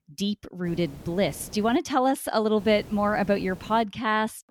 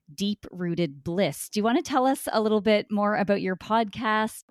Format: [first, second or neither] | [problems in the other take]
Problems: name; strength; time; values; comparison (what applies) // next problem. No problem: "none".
second | hiss; noticeable; from 0.5 to 2 s and from 2.5 to 4 s; 20 dB below the speech